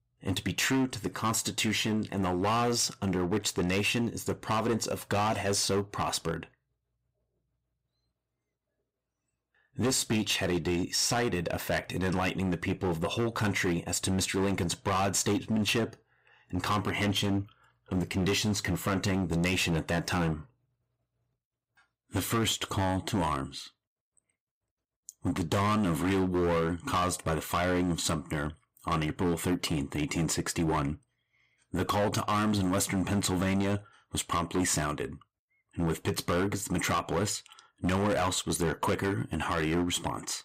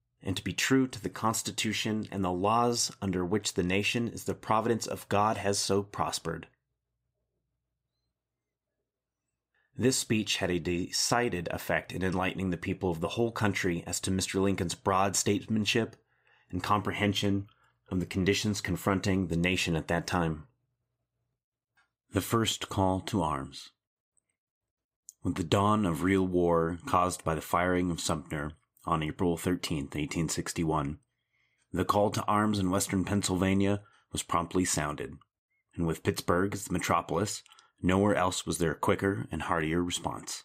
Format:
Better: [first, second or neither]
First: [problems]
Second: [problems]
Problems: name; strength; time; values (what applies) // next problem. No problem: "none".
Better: second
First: distortion; heavy; 12% of the sound clipped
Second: none